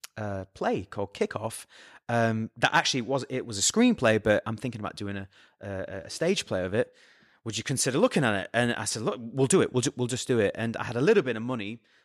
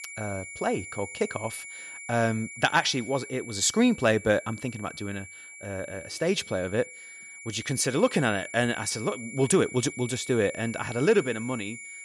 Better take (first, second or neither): first